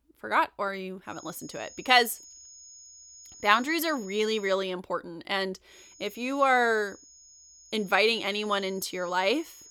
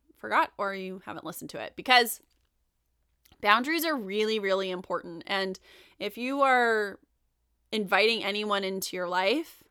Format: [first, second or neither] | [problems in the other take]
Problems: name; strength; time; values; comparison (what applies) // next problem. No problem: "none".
second | high-pitched whine; faint; from 1 to 4.5 s and from 5.5 s on; 6.5 kHz, 20 dB below the speech